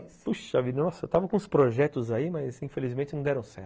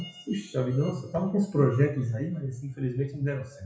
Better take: first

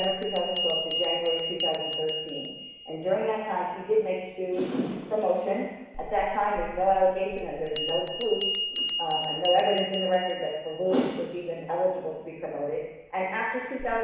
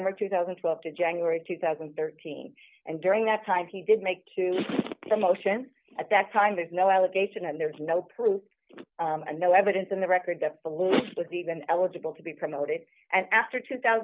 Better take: second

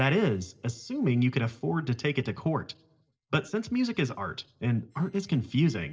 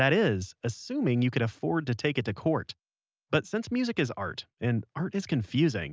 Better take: second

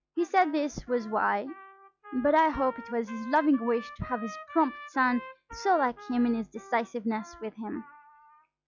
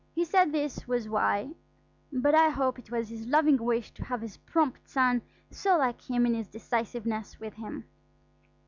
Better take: second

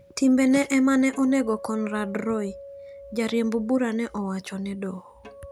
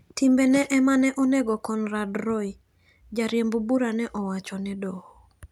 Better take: second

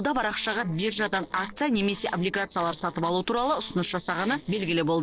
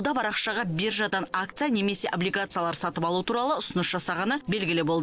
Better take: second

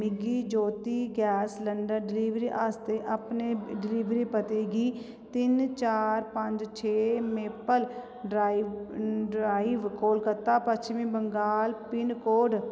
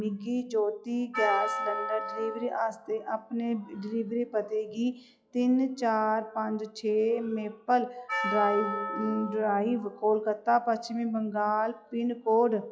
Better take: first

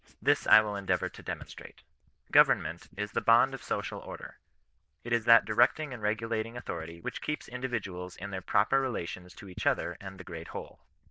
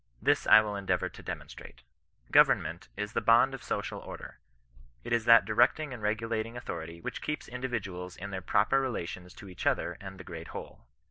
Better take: second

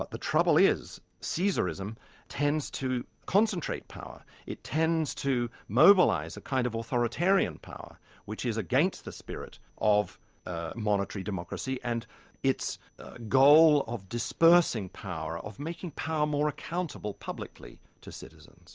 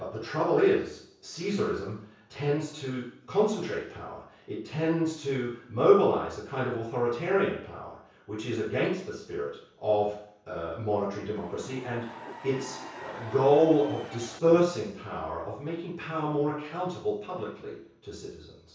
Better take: first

